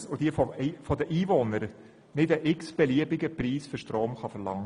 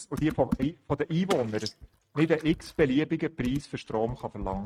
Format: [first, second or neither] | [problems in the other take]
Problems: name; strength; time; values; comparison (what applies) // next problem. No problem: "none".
first | noise reduction (neural mask model RNNoise)